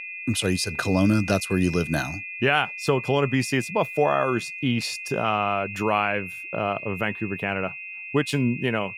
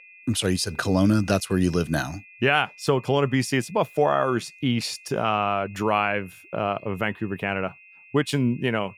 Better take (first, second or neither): second